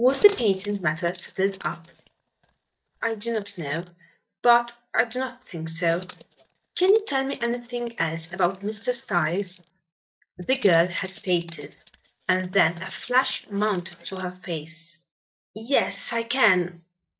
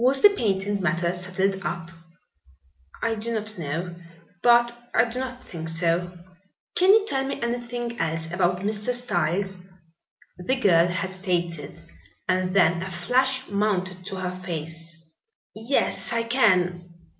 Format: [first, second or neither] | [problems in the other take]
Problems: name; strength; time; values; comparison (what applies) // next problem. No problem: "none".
second | noise reduction (neural mask model DeepFilterNet 3)